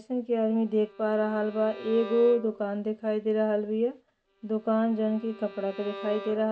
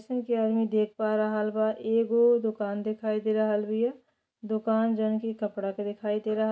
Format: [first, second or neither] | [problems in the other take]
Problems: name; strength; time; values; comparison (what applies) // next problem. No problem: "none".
second | background sound (Bowed string instrument); 17 dB below the speech